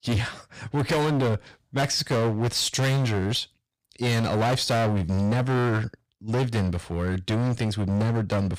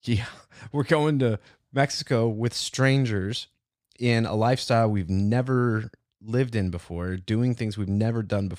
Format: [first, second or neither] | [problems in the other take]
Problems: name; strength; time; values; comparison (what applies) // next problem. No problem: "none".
second | distortion; heavy; 25% of the sound clipped